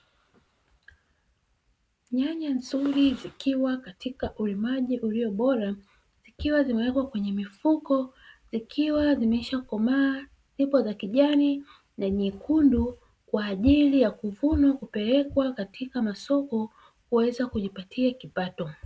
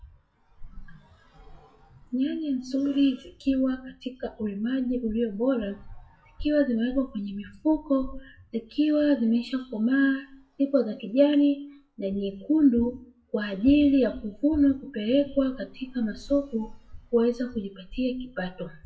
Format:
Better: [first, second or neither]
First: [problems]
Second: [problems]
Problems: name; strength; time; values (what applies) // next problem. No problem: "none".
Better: first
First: none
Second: noise reduction (classical method WPE with log-MMSE)